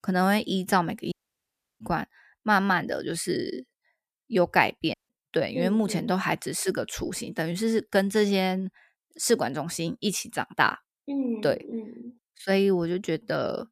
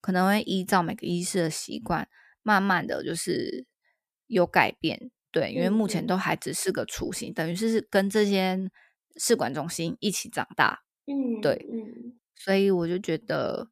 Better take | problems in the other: second | audio cutting out; at 1 s for 0.5 s and at 5 s

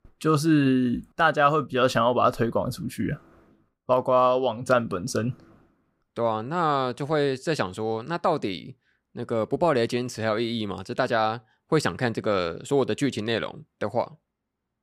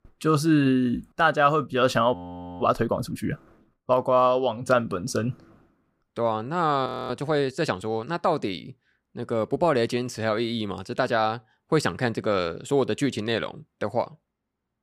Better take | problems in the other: first | audio freezing; at 2 s and at 7 s

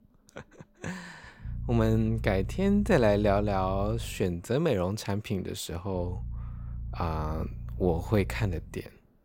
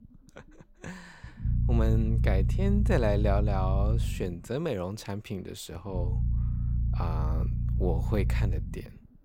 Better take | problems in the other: first | low rumble; loud; throughout; 10 dB below the speech; faint in the first

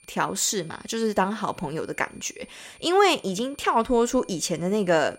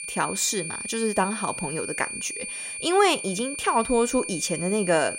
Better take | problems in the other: first | high-pitched whine; loud; throughout; 2.5 kHz, 6 dB below the speech; faint in the first

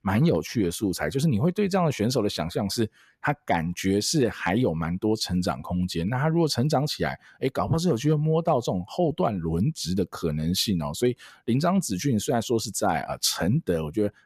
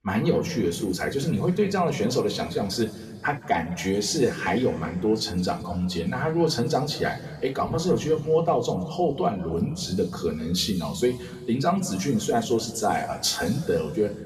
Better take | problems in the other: first | room echo; slight; dies away in 1.7 s // off-mic speech; somewhat distant

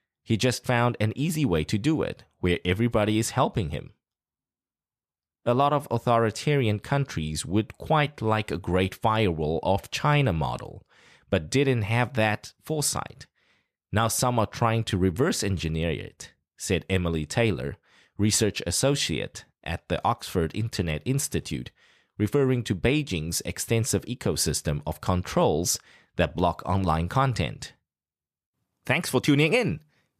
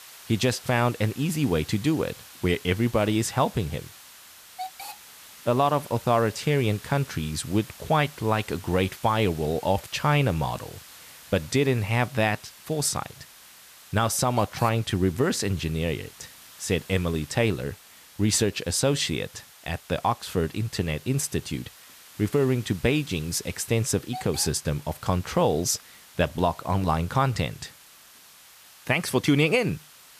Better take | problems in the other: first | hiss; noticeable; throughout; 20 dB below the speech

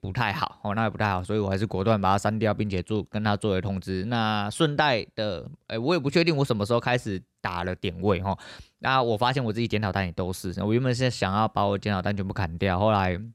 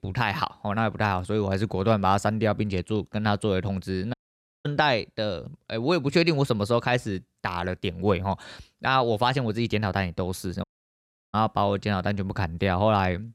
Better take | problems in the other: first | audio cutting out; at 4 s for 0.5 s and at 11 s for 0.5 s

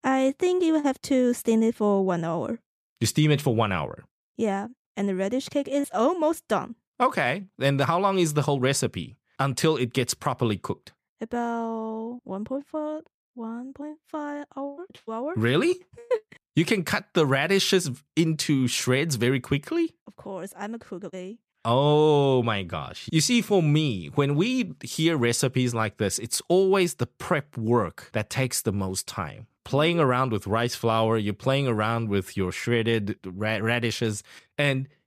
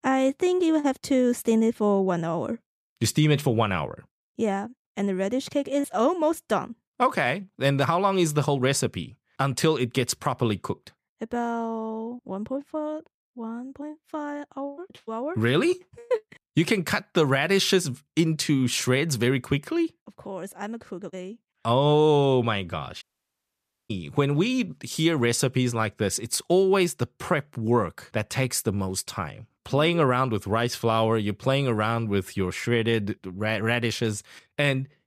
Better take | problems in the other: first | audio cutting out; at 23 s for 1 s

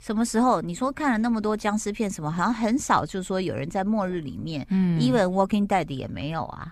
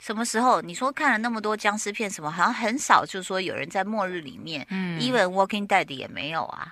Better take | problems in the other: first | thin; somewhat; fading below 1 kHz

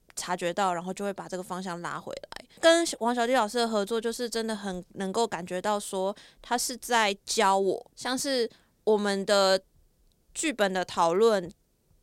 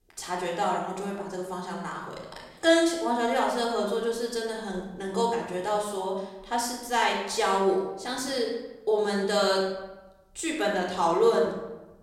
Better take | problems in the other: first | off-mic speech; somewhat distant // room echo; noticeable; dies away in 0.9 s

